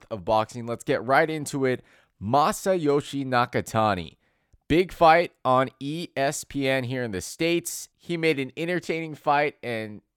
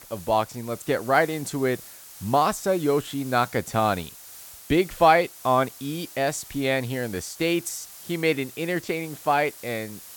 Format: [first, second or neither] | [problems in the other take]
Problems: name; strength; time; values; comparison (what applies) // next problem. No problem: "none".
first | hiss; noticeable; throughout; 15 dB below the speech